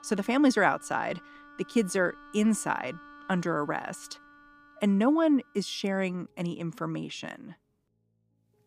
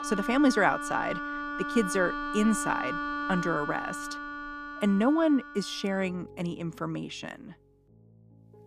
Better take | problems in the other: first | background music; loud; throughout; 6 dB below the speech; faint in the first

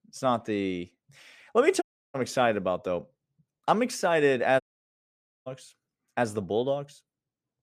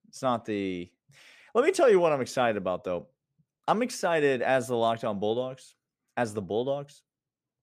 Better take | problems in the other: second | audio cutting out; at 2 s and at 4.5 s for 1 s

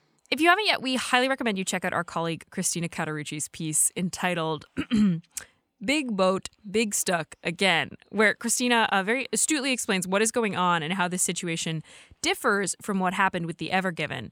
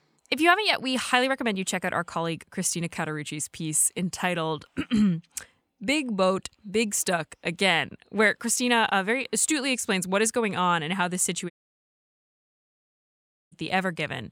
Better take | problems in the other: first | audio cutting out; at 12 s for 2 s

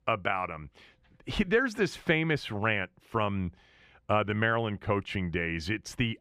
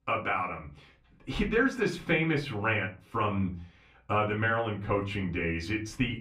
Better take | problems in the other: first | off-mic speech; far // room echo; very slight; dies away in 0.3 s

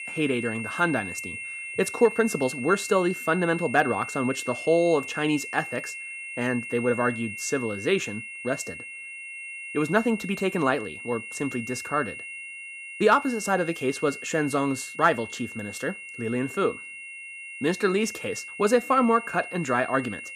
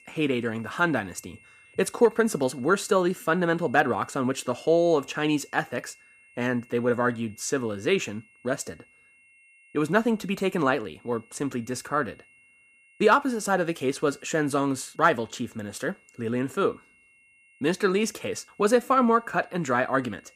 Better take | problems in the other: second | high-pitched whine; loud; throughout; 2.5 kHz, 9 dB below the speech; faint in the second

